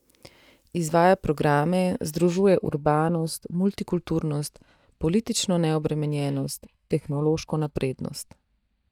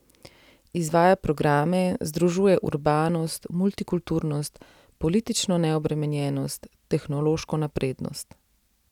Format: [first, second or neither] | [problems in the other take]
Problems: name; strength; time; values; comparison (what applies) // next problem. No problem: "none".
second | noise reduction (neural mask model DeepFilterNet 3)